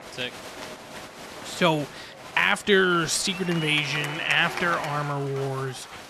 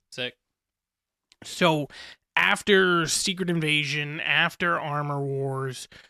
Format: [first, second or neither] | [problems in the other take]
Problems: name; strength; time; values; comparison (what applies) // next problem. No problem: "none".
second | crowd noise; noticeable; throughout; 10 dB below the speech